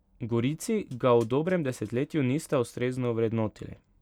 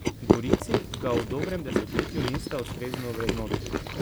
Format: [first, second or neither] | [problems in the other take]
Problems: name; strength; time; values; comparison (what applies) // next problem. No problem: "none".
first | background sound (Chewing, mastication); 5 dB above the speech